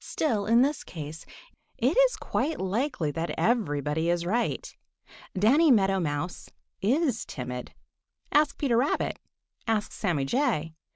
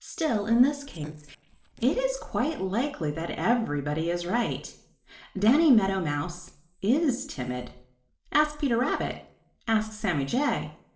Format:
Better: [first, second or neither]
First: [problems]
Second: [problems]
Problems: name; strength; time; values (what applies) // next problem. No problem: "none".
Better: first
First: none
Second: noise reduction (neural separator model SepFormer DNS4)